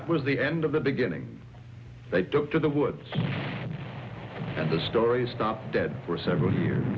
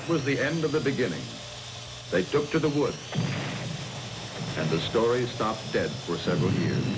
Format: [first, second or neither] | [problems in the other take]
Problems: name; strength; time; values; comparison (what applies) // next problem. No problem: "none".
first | background sound (Sawing); 13 dB below the speech